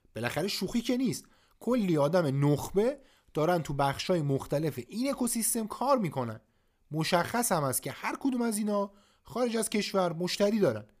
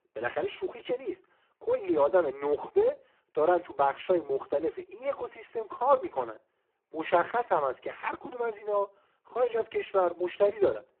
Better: first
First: none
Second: phone-call audio; poor line

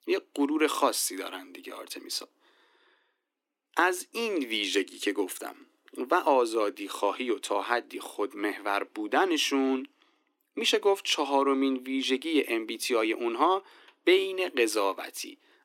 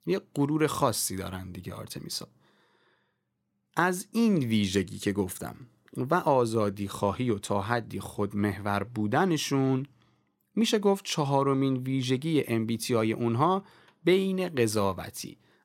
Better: second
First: thin; very slightly; fading below 250 Hz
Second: none

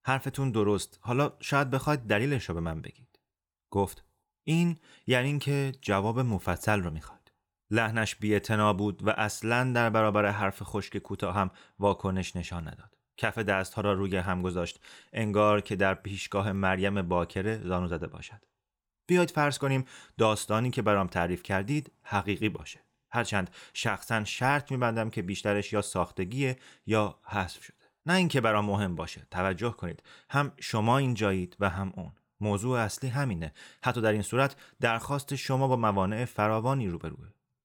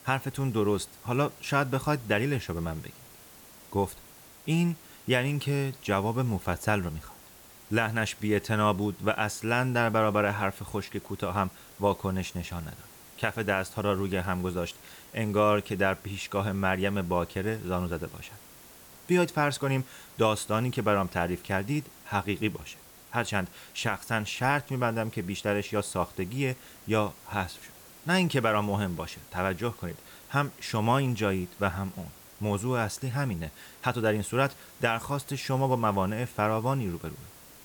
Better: first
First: none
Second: hiss; noticeable; throughout; 20 dB below the speech

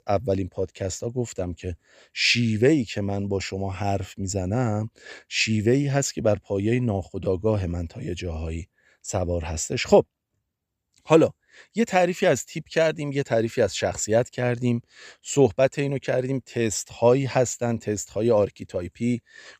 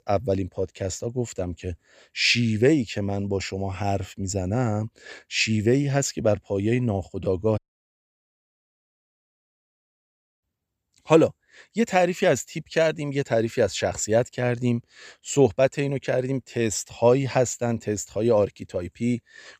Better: first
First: none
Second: audio cutting out; at 7.5 s for 3 s

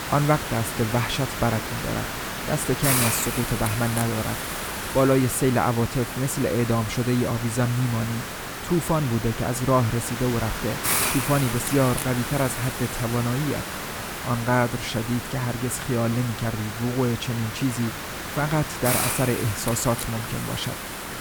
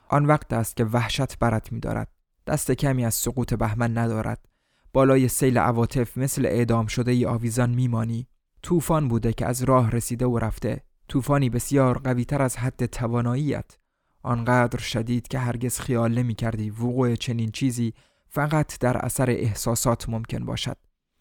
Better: second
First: hiss; loud; throughout; 4 dB below the speech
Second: none

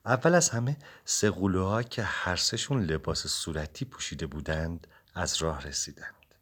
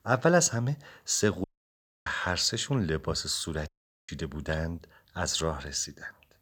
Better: first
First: none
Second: audio cutting out; at 1.5 s for 0.5 s and at 3.5 s

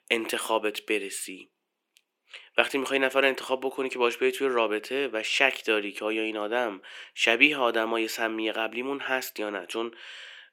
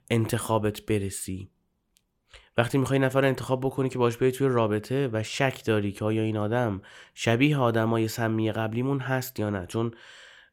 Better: second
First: thin; somewhat; fading below 300 Hz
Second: none

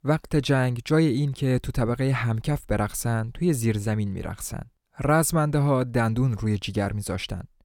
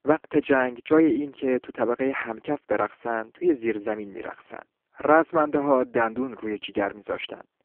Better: first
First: none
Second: phone-call audio; poor line; nothing above 3 kHz

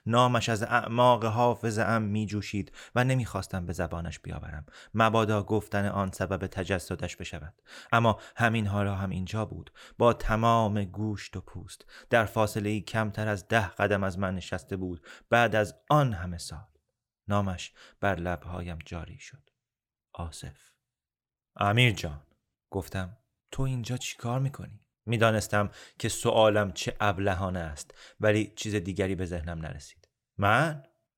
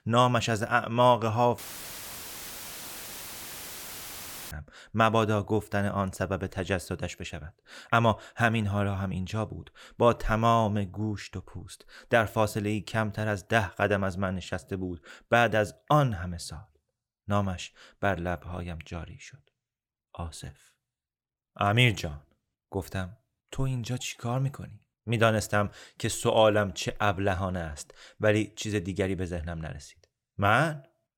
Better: first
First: none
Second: audio cutting out; filled with static; at 1.5 s for 3 s

